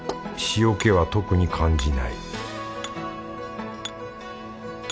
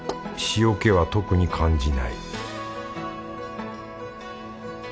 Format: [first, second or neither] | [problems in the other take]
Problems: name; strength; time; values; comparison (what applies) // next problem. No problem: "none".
second | background sound (Hammer); 19 dB below the speech